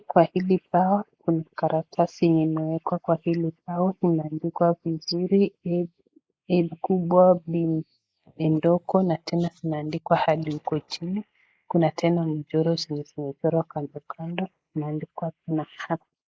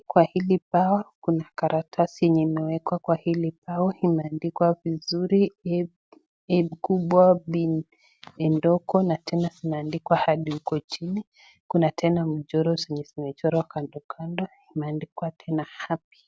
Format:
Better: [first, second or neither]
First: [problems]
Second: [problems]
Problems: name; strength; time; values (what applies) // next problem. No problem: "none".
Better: second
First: noise reduction (neural mask model Resemble Enhance denoiser)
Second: none